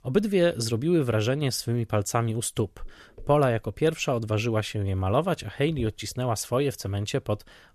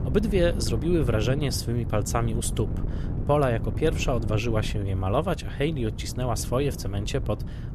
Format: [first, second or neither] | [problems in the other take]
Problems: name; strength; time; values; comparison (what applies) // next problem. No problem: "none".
first | wind noise on the microphone; occasional gusts; 15 dB below the speech